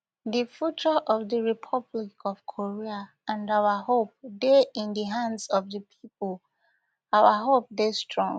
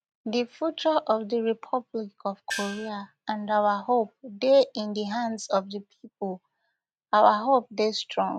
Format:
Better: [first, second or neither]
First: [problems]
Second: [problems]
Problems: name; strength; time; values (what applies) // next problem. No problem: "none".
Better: first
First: none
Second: noise reduction (neural mask model RNNoise)